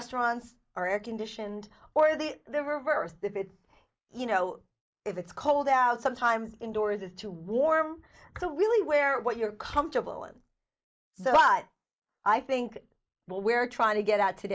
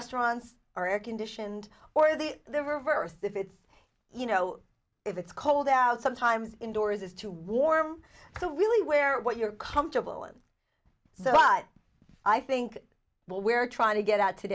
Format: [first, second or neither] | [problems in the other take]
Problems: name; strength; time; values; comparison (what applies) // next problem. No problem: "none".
second | noise reduction (neural mask model Resemble Enhance denoiser)